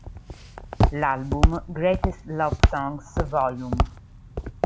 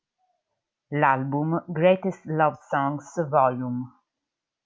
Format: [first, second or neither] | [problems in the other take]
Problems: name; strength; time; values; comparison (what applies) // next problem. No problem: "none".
second | background sound (Walk, footsteps); 3 dB above the speech